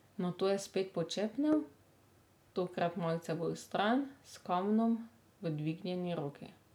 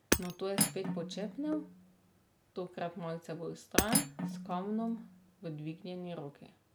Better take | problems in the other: first | background sound (Cutlery, silverware + Hammer); 2 dB above the speech

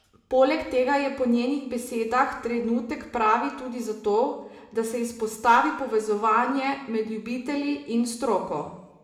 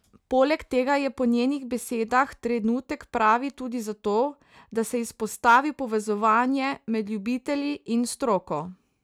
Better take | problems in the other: second | room echo; dies away in 0.9 s

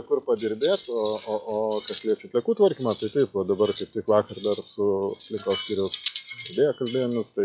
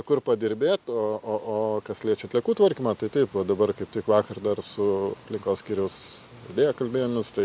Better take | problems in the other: second | noise reduction (classical method log-MMSE)

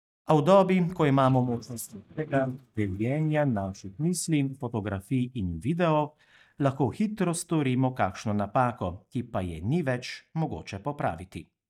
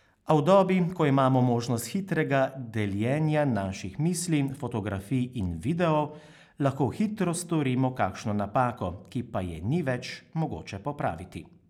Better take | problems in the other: second | noise reduction (neural mask model DeepFilterNet 3)

